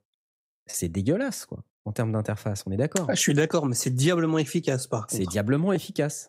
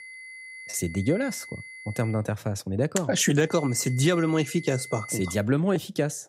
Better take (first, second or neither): first